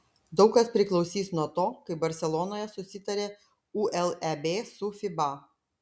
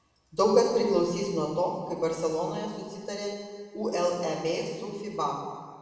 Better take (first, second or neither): first